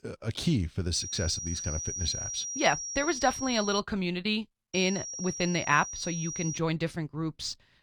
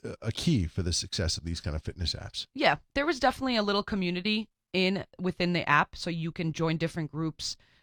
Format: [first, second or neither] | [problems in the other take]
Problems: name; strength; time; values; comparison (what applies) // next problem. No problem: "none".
second | high-pitched whine; loud; from 1 to 4 s and from 4.5 to 6.5 s; 5.5 kHz, 5 dB below the speech